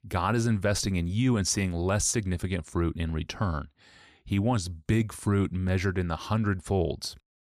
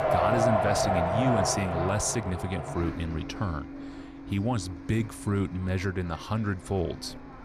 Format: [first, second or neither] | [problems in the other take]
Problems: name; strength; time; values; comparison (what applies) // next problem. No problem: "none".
first | traffic noise; very loud; throughout; as loud as the speech